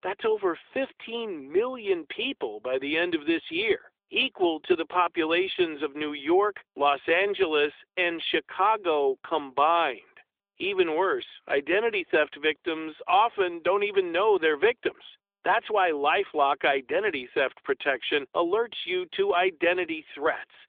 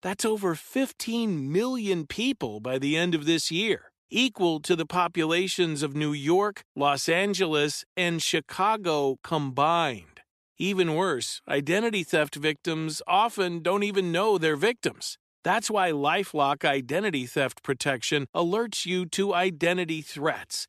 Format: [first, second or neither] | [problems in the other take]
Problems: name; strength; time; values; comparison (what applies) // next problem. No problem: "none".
second | phone-call audio; nothing above 3.5 kHz